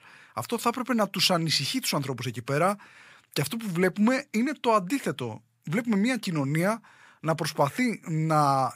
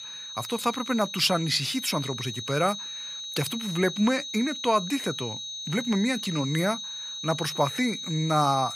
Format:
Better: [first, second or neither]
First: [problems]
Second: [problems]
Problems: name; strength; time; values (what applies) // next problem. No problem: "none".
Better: first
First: none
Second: high-pitched whine; loud; throughout; 4 kHz, 7 dB below the speech